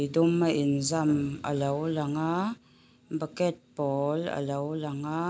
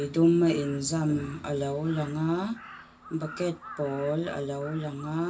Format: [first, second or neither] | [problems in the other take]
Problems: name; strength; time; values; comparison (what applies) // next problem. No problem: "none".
first | background sound (Crow); 20 dB below the speech // room echo; dies away in 0.1 s